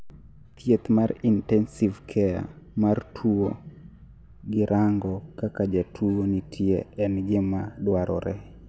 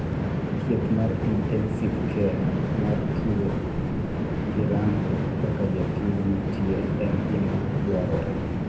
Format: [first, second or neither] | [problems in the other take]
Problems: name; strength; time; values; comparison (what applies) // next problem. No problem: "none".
first | background sound (Train); 3 dB above the speech // room echo; dies away in 0.8 s